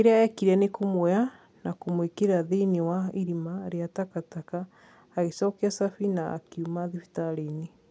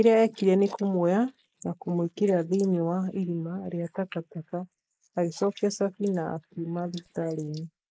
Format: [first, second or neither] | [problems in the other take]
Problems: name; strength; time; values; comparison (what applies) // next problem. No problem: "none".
first | noise reduction (neural mask model Resemble Enhance denoiser)